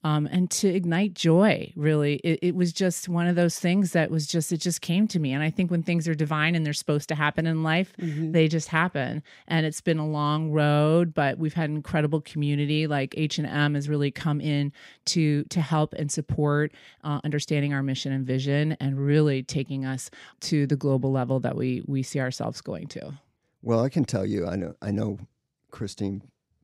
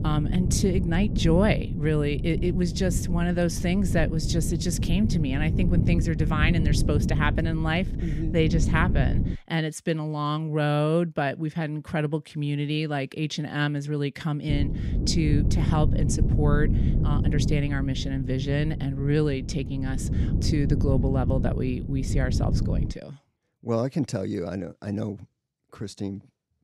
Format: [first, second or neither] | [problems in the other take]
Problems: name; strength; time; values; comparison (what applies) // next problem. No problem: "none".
first | wind noise on the microphone; heavy; until 9.5 s and from 14 to 23 s; 8 dB below the speech